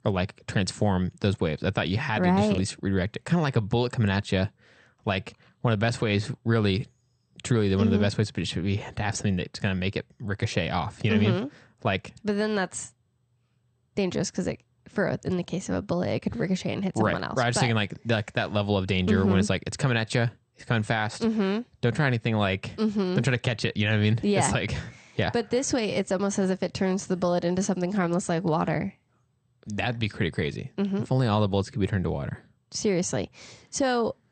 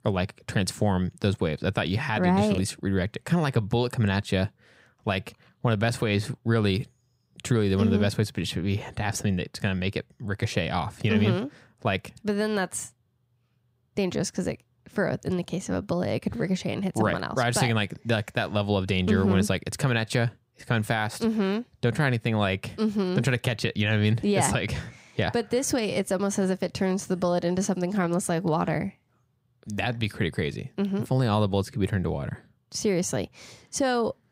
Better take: second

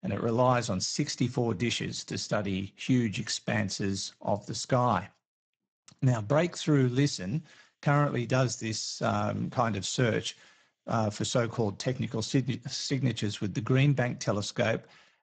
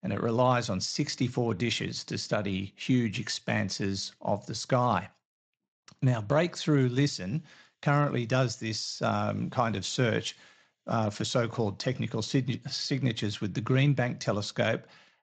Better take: second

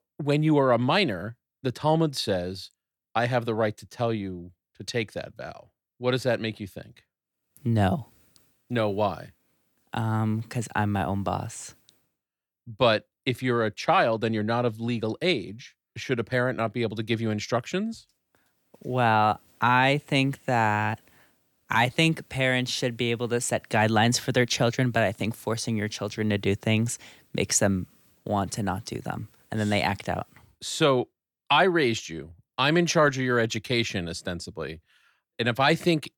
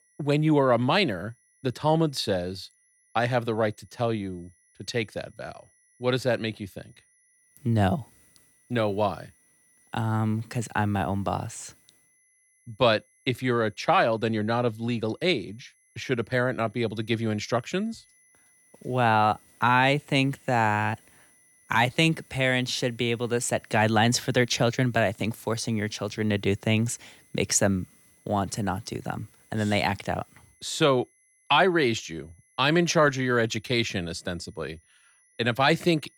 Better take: first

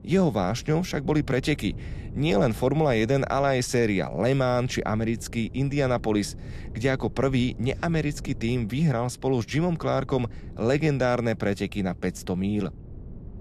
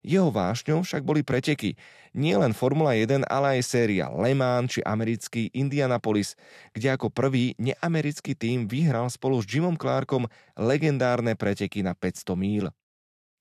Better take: second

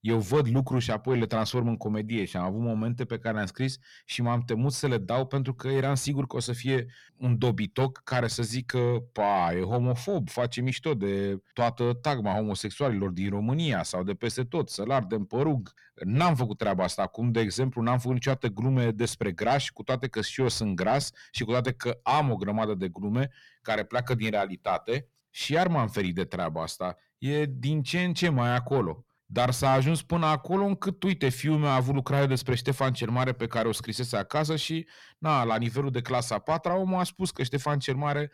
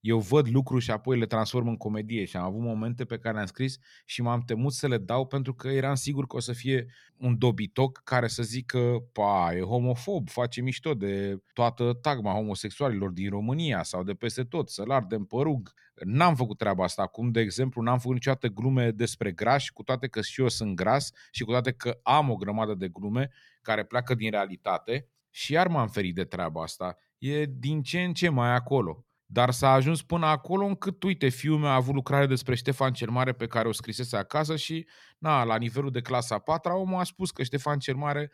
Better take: second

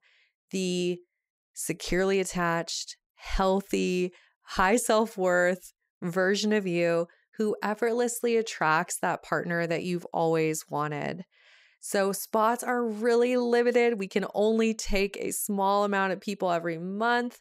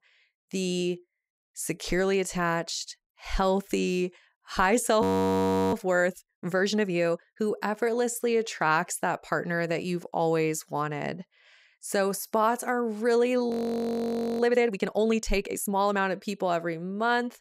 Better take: first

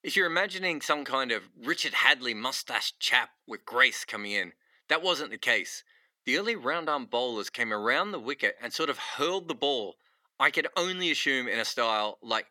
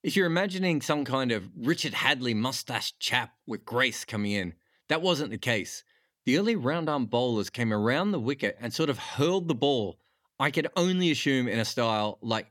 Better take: second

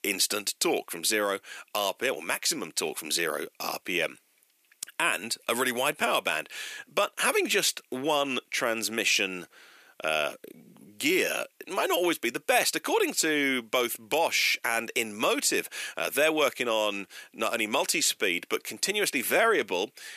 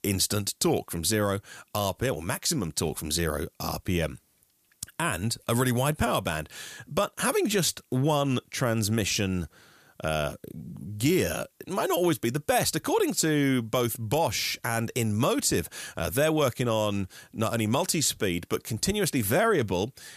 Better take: second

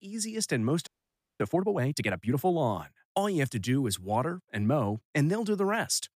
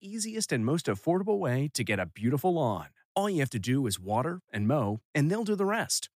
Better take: second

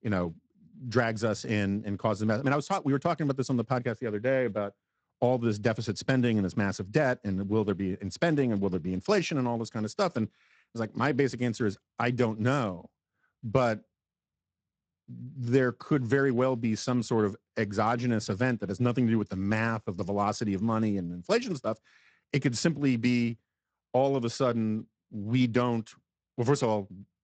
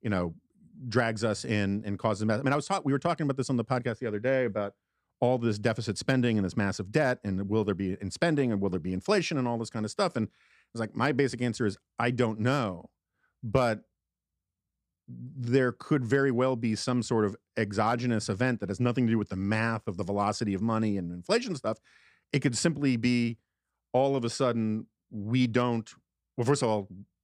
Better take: second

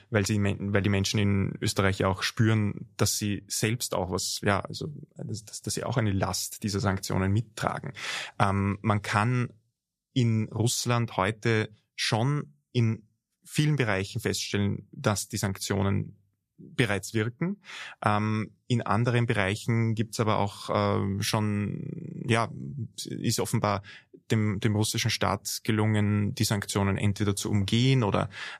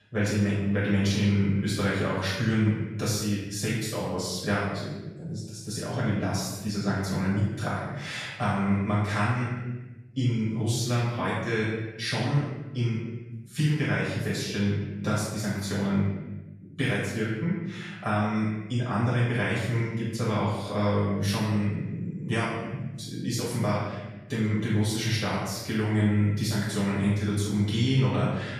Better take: first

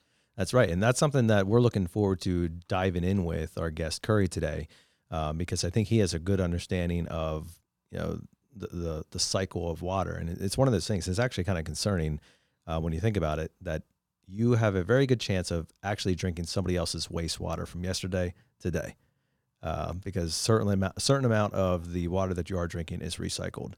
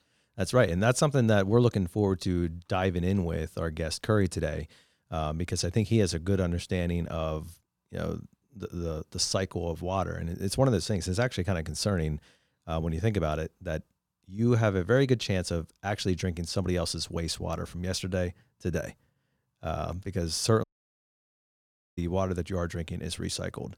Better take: first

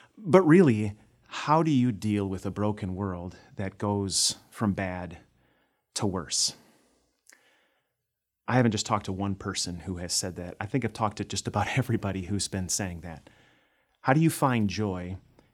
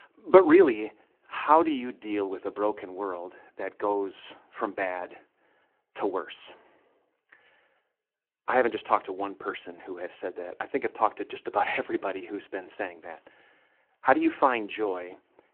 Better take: first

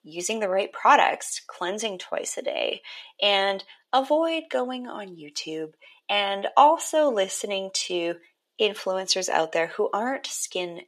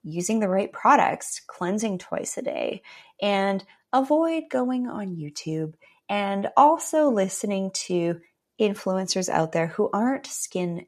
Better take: second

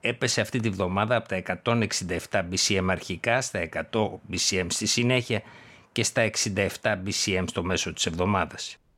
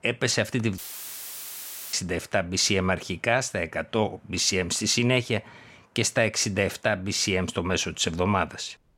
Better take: first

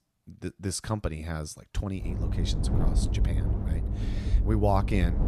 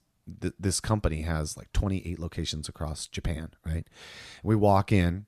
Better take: second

